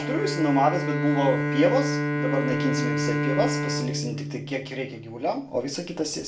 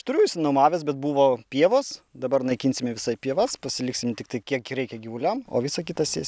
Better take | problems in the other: second | background sound (Bowed string instrument); 1 dB below the speech // room echo; dies away in 0.3 s

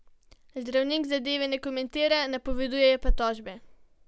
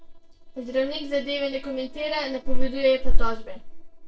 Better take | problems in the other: first | noise reduction (neural separator model SepFormer DNS4)

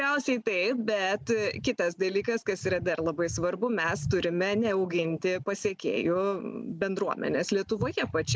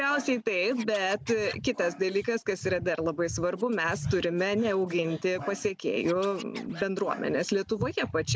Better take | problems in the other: first | background sound (Scratching (performance technique)); 19 dB below the speech

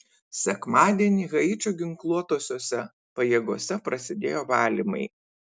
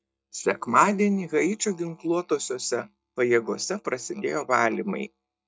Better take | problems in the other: first | noise reduction (neural mask model DeepFilterNet 3)

